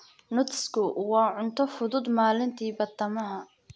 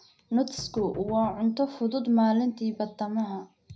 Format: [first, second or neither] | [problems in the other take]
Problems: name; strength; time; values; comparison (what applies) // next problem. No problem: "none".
first | background sound (Knock); 17 dB below the speech // room echo; dies away in 0.4 s